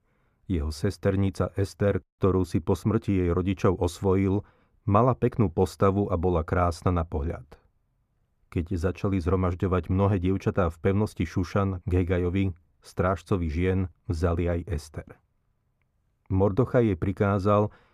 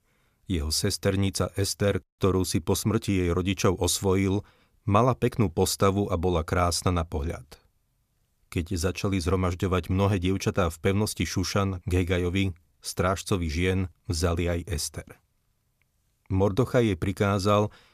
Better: second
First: muffled; very; fading above 2.5 kHz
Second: none

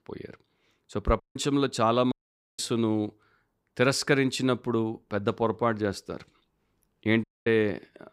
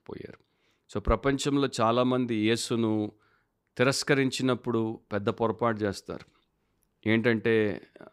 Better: second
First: audio cutting out; at 1 s, at 2 s and at 7 s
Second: none

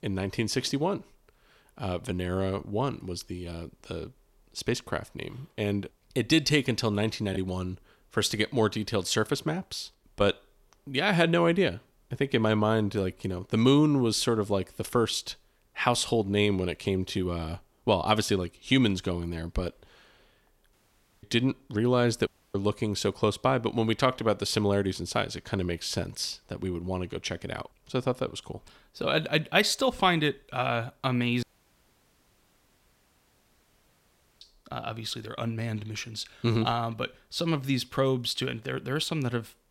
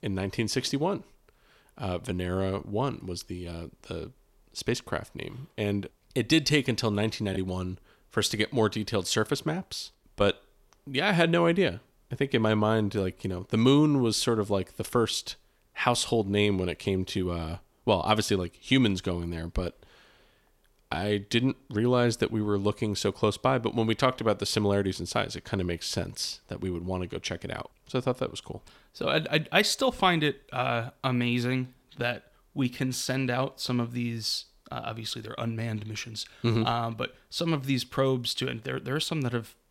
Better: second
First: audio cutting out; at 21 s for 0.5 s, at 22 s and at 31 s for 3 s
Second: none

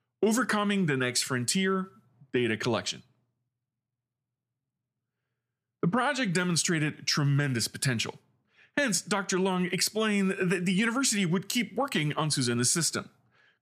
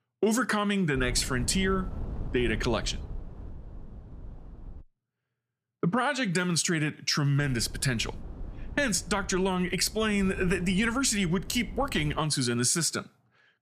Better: first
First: none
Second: wind noise on the microphone; occasional gusts; from 1 to 5 s and from 7.5 to 12 s; 25 dB below the speech

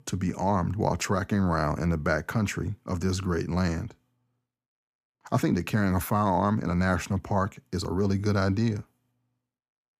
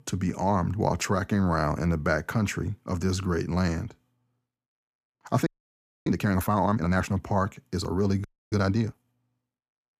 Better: first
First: none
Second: audio freezing; at 5.5 s for 0.5 s and at 8 s

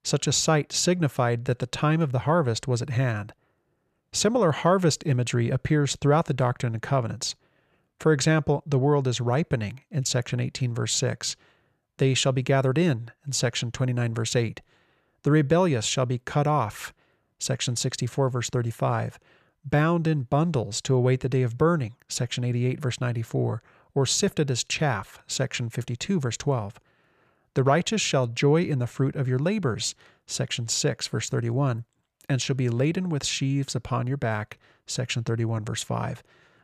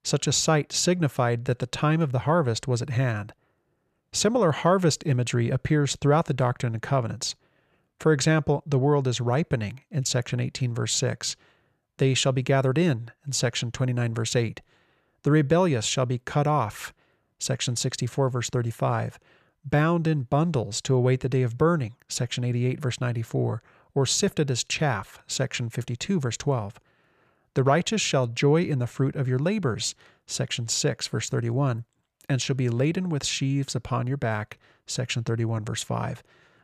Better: neither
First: none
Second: none

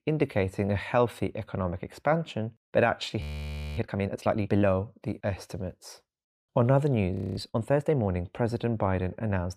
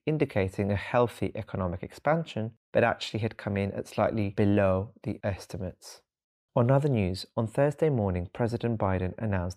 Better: second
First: audio freezing; at 3 s for 0.5 s and at 7 s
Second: none

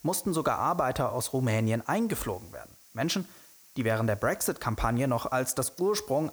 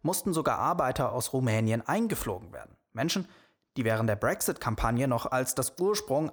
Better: second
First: hiss; faint; throughout; 25 dB below the speech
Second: none

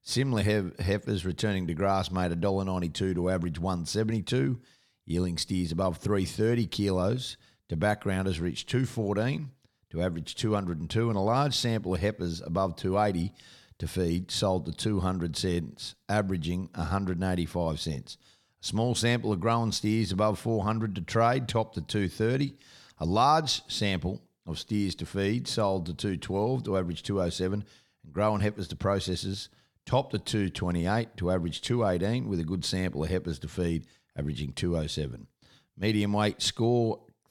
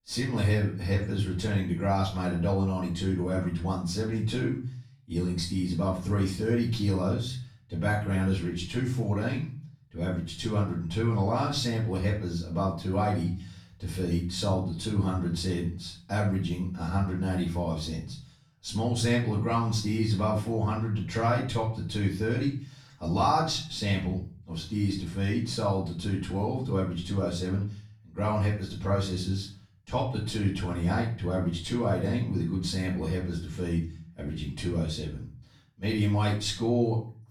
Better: first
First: none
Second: off-mic speech; far // room echo; slight; dies away in 0.4 s

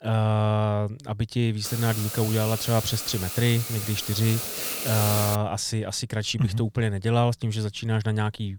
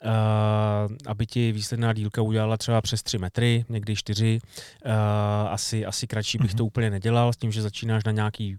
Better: second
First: hiss; loud; from 1.5 to 5.5 s; 4 dB below the speech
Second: none

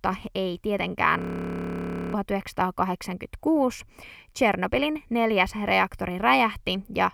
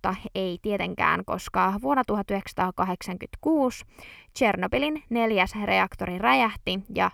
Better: second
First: audio freezing; at 1 s for 1 s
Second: none

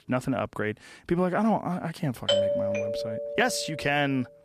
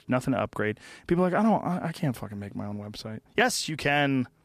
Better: second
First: doorbell; loud; from 2.5 to 4 s; peak 4 dB above the speech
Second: none

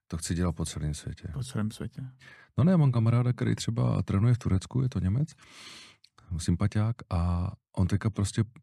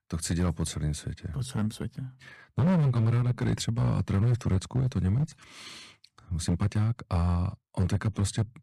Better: first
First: none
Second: distortion; slight; 9% of the sound clipped

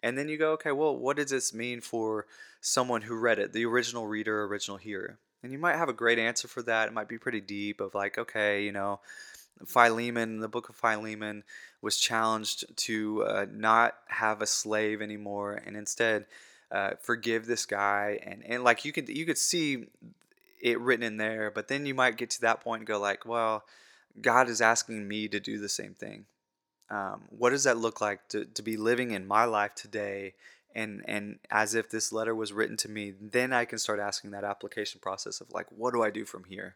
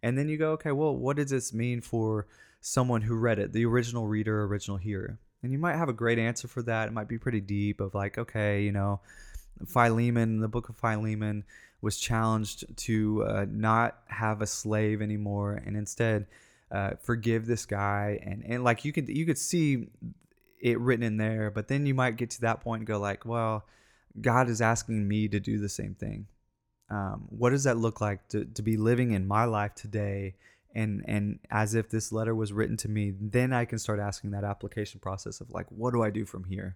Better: second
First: thin; somewhat; fading below 400 Hz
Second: none

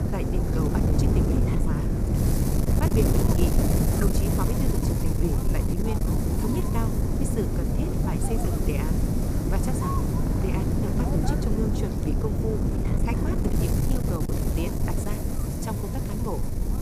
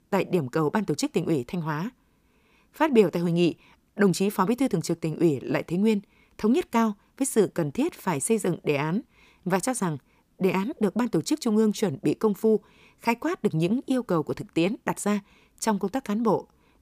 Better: second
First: wind noise on the microphone; heavy; 3 dB above the speech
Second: none

